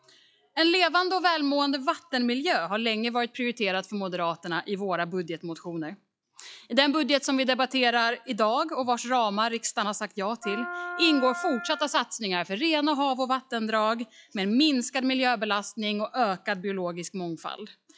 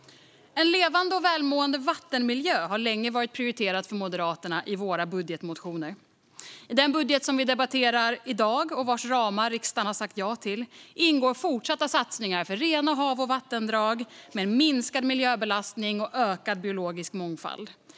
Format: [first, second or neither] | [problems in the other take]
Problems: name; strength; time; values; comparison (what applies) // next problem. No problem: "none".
second | noise reduction (classical method log-MMSE)